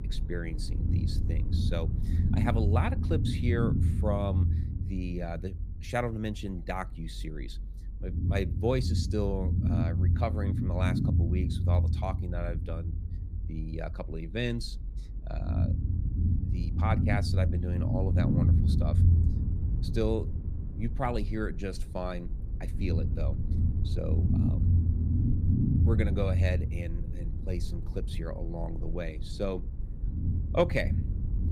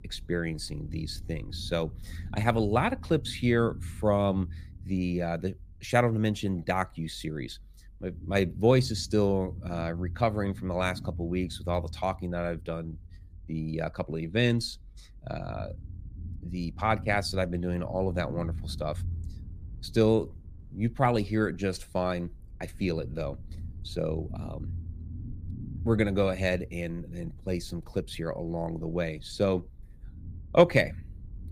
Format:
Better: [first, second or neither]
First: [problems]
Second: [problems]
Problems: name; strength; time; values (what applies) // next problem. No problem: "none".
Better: second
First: low rumble; loud; throughout; 5 dB below the speech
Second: low rumble; faint; throughout; 25 dB below the speech